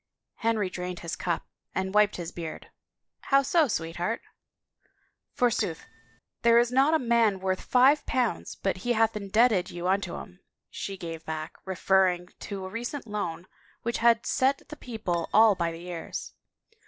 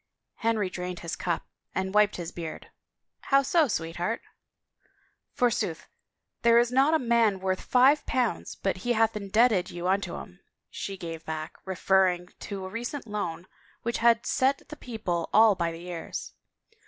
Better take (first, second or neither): second